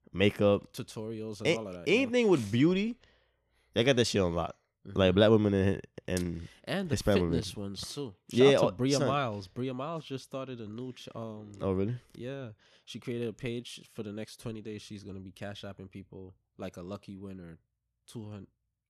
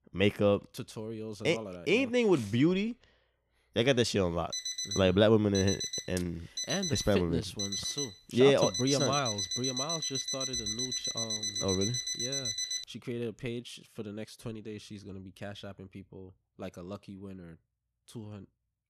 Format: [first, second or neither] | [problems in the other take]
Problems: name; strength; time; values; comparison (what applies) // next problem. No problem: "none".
first | alarm; noticeable; from 4.5 to 13 s; peak 1 dB below the speech